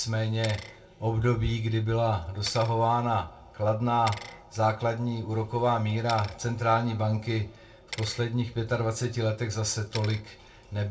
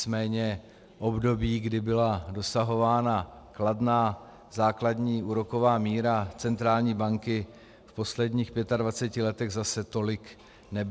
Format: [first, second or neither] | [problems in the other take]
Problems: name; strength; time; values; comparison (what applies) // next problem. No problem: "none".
second | background sound (Bicycle); 19 dB below the speech // room echo; dies away in 0.2 s